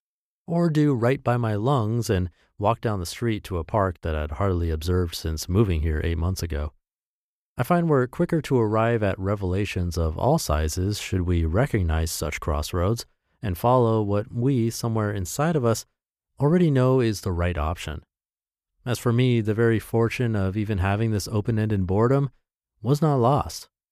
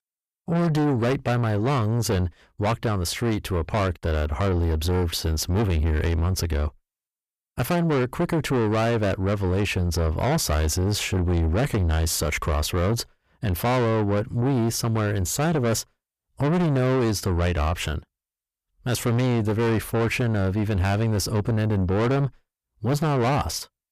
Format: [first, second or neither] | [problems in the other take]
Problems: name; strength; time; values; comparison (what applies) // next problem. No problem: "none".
first | distortion; heavy; 7 dB below the speech